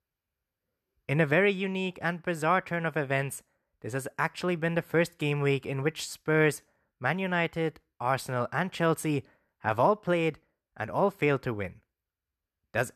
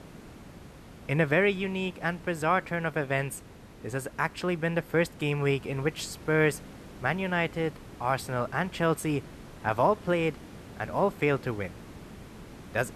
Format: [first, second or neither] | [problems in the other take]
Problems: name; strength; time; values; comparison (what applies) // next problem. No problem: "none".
first | hiss; noticeable; throughout; 20 dB below the speech